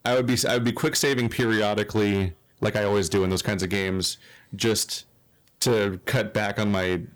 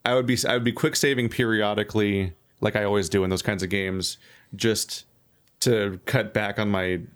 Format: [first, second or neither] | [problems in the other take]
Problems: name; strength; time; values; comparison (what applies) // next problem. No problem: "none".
second | distortion; slight; 9% of the sound clipped